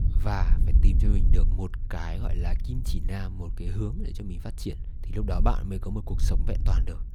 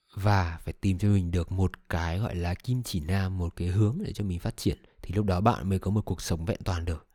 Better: second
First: wind noise on the microphone; heavy; 9 dB below the speech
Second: none

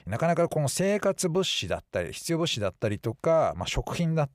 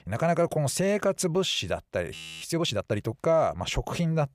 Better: first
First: none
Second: audio freezing; at 2 s

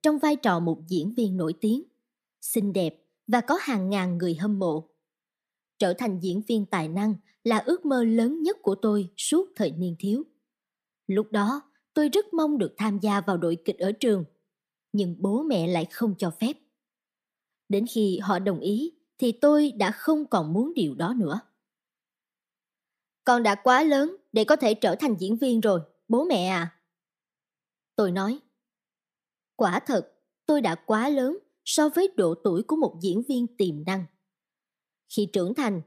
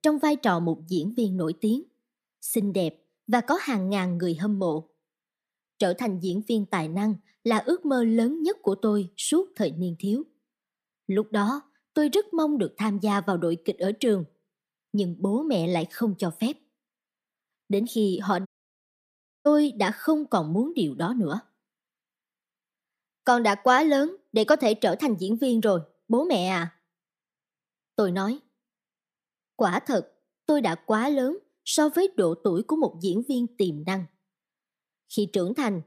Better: first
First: none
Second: audio cutting out; at 18 s for 1 s

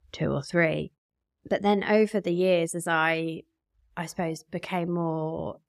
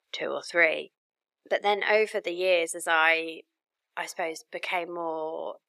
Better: first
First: none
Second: thin; very; fading below 450 Hz

